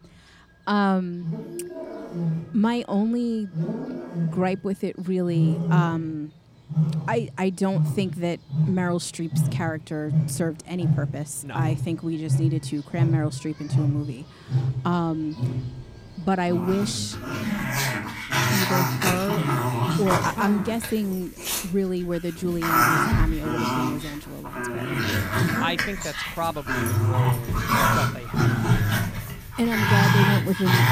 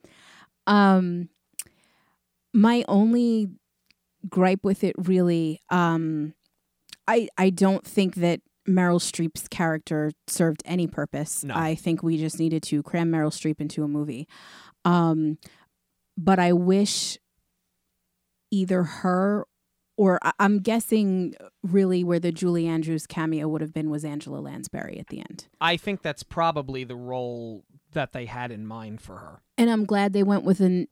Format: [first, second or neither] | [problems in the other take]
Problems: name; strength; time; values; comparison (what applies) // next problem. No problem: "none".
second | animal sounds; very loud; throughout; 3 dB above the speech